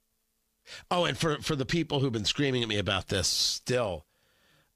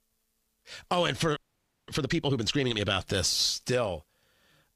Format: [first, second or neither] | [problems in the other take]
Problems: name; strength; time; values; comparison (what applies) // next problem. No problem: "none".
first | audio freezing; at 1.5 s for 0.5 s